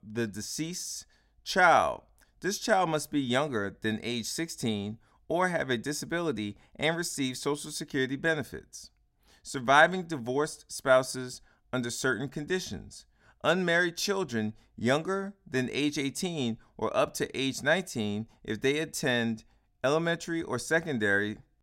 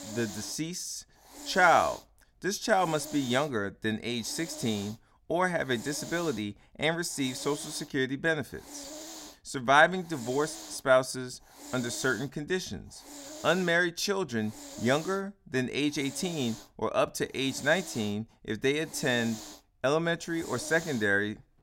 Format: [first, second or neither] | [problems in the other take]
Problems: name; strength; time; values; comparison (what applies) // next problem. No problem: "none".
first | hiss; noticeable; throughout; 15 dB below the speech